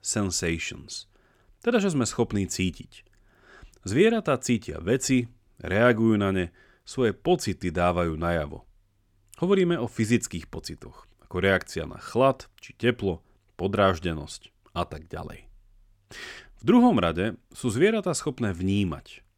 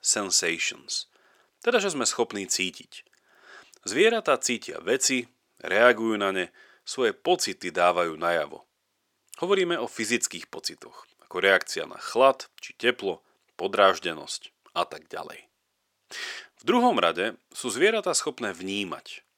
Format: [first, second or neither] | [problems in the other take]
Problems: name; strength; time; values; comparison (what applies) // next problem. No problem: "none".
first | thin; somewhat; fading below 450 Hz